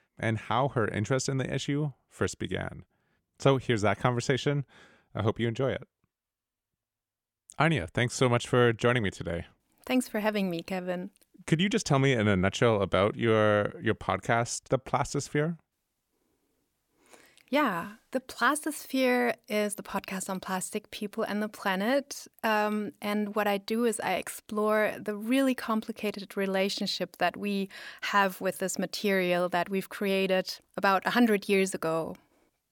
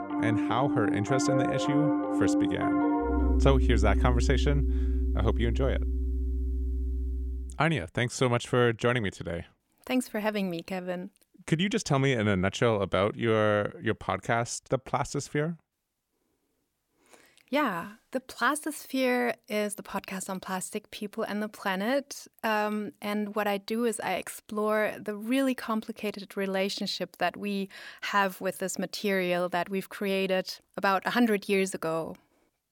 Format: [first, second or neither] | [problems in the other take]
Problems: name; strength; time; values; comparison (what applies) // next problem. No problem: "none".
first | background music; very loud; until 7.5 s; 1 dB above the speech